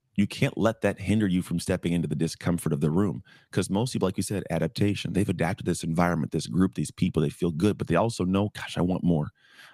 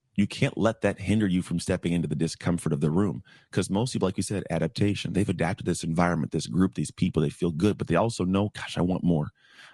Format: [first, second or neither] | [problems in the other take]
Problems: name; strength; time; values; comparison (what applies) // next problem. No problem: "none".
first | garbled, watery; slightly; nothing above 10.5 kHz